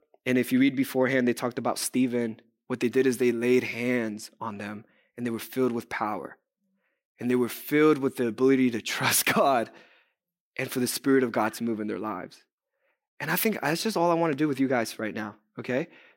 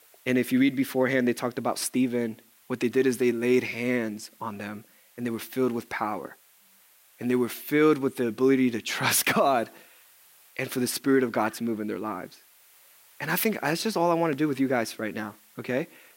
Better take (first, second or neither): first